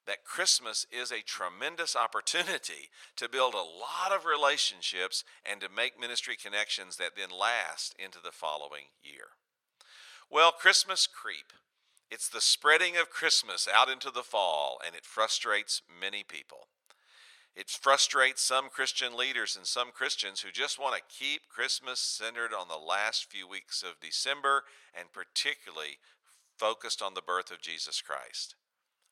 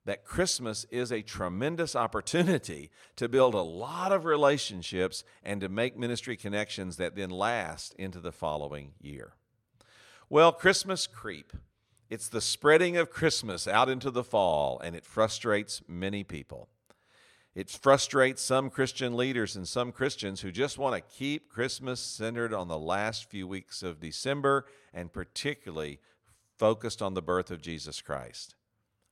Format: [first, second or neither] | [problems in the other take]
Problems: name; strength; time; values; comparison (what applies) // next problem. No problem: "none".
second | thin; very; fading below 900 Hz